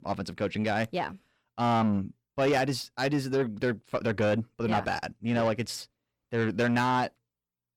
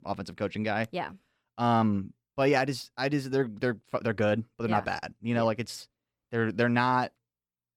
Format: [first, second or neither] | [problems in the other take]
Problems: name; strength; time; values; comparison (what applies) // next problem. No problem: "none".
second | distortion; slight; 10 dB below the speech